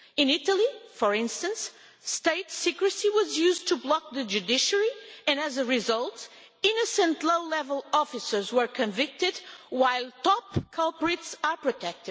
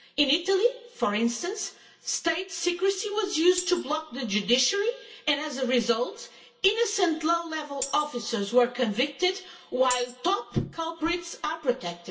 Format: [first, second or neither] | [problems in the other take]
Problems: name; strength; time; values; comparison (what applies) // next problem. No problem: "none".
first | background sound (Tambourine); 14 dB below the speech // room echo; dies away in 0.2 s